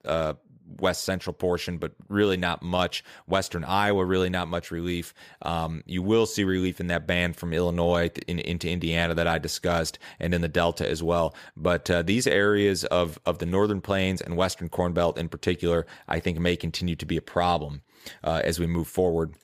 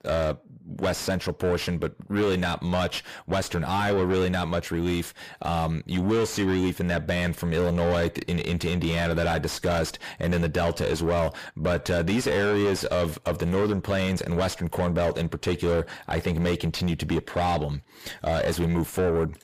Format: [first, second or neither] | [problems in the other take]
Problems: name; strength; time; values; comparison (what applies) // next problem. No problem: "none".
first | distortion; heavy; 7 dB below the speech